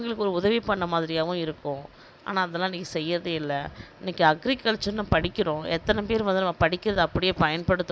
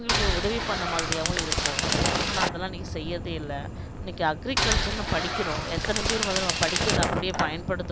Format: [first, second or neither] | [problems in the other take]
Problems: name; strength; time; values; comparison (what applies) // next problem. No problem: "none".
first | background sound (Fire + Boat, Water vehicle); 3 dB above the speech